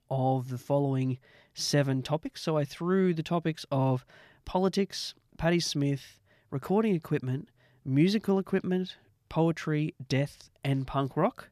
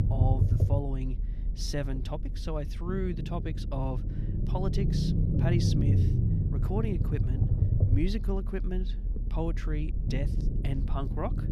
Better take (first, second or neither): first